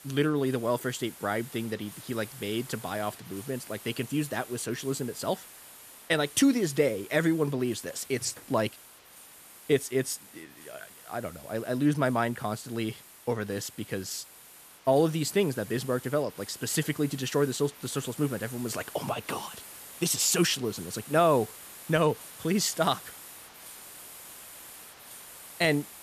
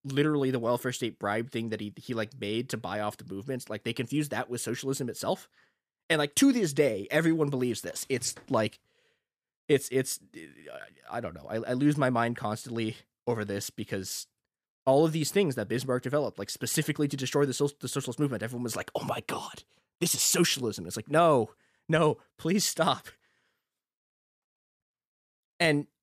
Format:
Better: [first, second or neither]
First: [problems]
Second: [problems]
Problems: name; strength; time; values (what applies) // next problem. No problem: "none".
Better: second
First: hiss; noticeable; throughout; 15 dB below the speech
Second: none